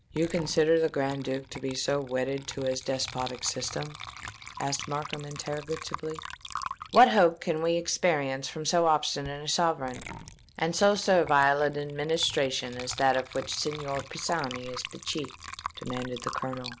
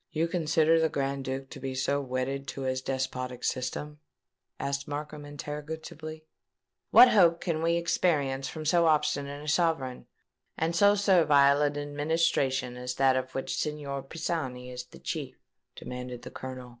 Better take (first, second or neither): second